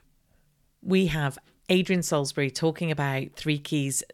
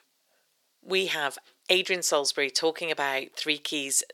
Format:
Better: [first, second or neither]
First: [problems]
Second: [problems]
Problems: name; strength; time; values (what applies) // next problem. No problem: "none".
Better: first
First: none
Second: thin; very; fading below 400 Hz